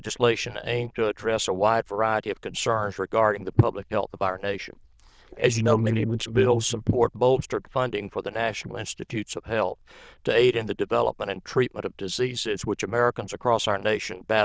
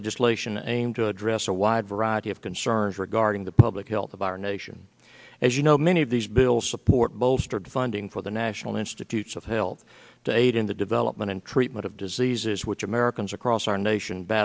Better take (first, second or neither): second